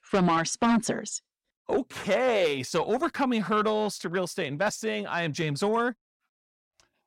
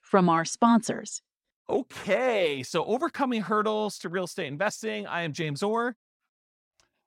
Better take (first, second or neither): second